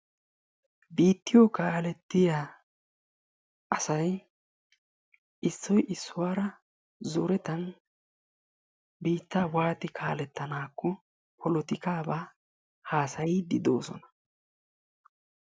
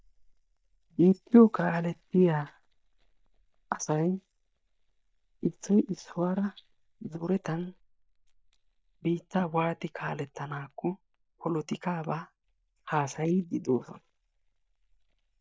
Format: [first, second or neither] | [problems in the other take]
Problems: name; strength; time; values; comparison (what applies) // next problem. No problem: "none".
first | noise reduction (neural mask model DeepFilterNet 3)